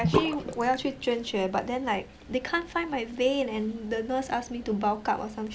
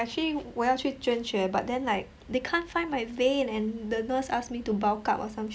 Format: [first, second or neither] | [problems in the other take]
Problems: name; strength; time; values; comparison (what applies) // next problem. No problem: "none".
second | background sound (Bathtub (filling or washing) / Sink (filling or washing)); 7 dB below the speech